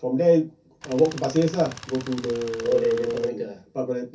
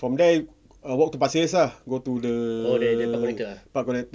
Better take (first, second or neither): second